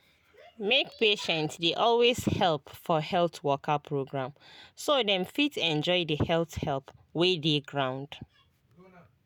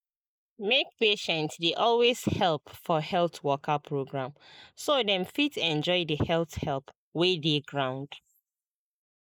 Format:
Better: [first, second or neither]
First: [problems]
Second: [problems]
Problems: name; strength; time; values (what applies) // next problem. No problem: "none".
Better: first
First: none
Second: noise reduction (neural mask model Resemble Enhance denoiser)